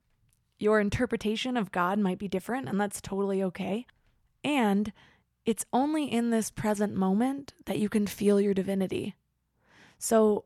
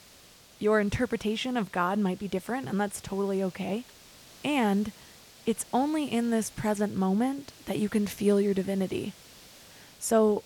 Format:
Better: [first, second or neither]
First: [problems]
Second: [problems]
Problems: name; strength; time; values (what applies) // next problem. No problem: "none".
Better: first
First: none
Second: hiss; faint; throughout; 20 dB below the speech